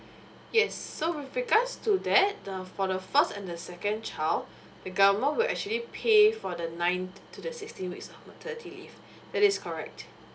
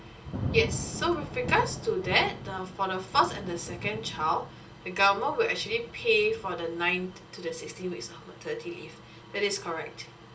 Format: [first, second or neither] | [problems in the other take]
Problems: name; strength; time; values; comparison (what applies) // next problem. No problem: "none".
first | background sound (Thunder / Rain); 10 dB below the speech // room echo; dies away in 0.2 s